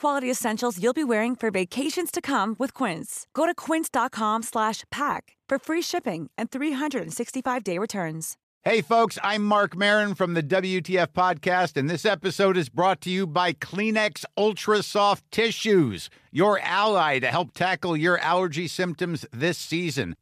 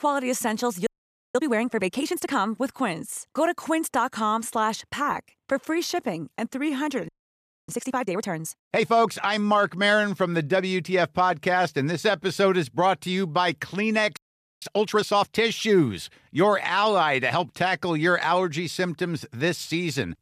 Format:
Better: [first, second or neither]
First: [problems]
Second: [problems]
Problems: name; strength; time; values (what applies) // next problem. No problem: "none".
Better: first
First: none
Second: audio freezing; at 1 s, at 7 s for 0.5 s and at 14 s